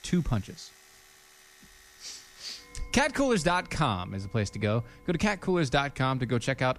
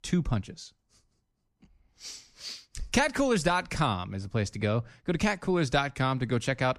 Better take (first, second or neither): second